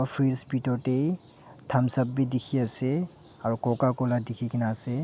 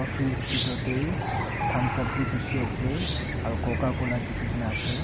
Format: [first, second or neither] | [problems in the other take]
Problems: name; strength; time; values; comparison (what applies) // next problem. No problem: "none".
first | background sound (Cricket / Chicken, rooster); 2 dB above the speech